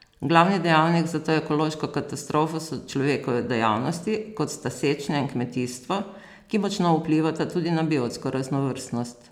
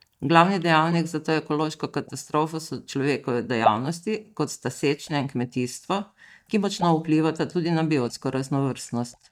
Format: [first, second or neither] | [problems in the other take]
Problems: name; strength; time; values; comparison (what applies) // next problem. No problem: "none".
first | noise reduction (neural mask model DeepFilterNet 3)